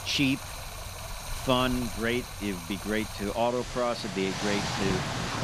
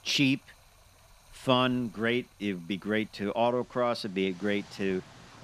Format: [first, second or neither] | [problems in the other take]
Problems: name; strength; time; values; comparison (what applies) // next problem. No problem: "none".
second | rain or running water; loud; throughout; 5 dB below the speech; faint in the second